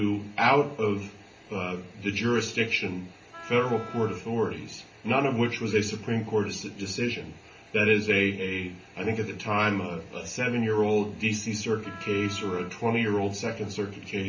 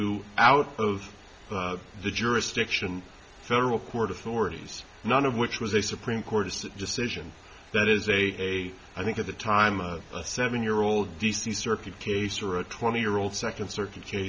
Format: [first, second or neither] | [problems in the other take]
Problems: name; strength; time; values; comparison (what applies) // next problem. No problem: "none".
second | background sound (Wind instrument, woodwind instrument); 15 dB below the speech // room echo; dies away in 0.3 s